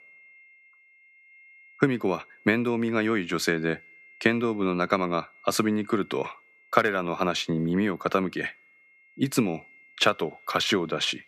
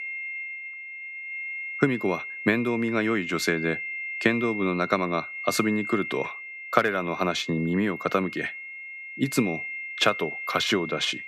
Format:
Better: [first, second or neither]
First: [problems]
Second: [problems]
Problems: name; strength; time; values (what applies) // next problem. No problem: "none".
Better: first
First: high-pitched whine; faint; throughout; 2 kHz, 25 dB below the speech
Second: high-pitched whine; loud; throughout; 2 kHz, 7 dB below the speech